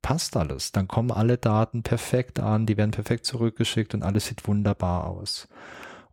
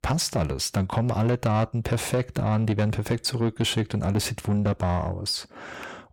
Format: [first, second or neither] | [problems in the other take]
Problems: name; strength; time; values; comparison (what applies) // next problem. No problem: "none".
first | distortion; slight; 10 dB below the speech